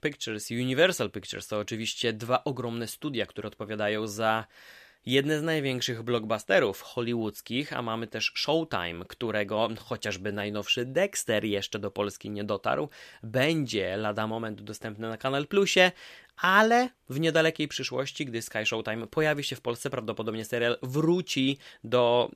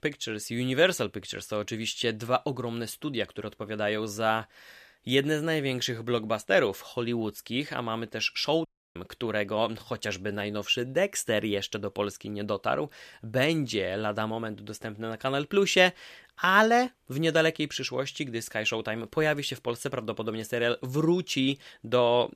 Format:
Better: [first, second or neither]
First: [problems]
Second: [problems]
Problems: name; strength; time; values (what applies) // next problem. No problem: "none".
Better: first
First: none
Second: audio cutting out; at 8.5 s